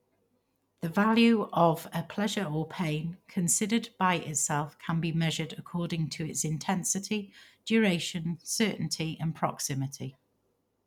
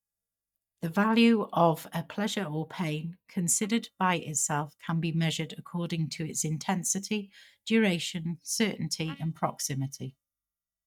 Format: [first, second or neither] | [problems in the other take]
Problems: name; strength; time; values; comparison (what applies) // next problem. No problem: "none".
first | noise reduction (neural mask model DeepFilterNet 3)